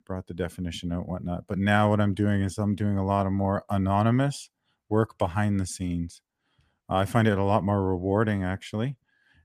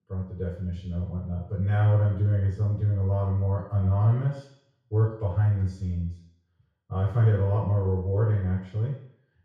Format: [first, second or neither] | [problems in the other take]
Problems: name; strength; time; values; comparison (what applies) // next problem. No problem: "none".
first | room echo; noticeable; dies away in 0.6 s // off-mic speech; far